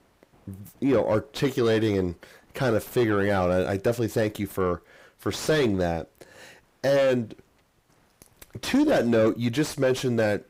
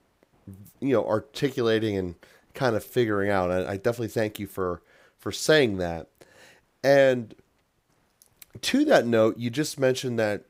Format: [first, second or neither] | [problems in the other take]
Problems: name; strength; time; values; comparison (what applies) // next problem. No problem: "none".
second | distortion; heavy; 7 dB below the speech